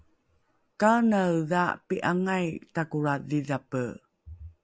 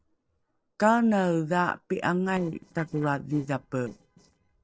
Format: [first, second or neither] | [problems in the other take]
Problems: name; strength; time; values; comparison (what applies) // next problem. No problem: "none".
first | noise reduction (neural separator model SepFormer DNS4)